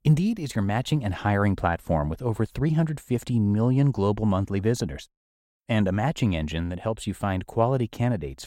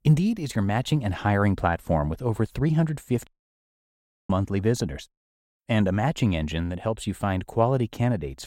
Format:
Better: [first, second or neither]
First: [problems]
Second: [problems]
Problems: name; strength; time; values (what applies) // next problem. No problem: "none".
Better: first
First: none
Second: audio cutting out; at 3.5 s for 1 s